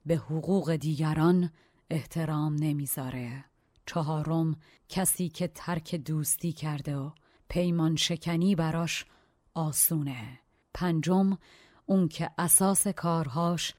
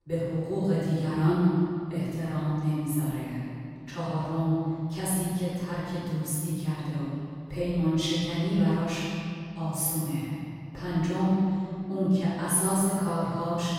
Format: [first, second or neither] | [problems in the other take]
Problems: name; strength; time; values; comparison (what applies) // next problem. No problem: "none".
first | off-mic speech; far // room echo; strong; dies away in 2.2 s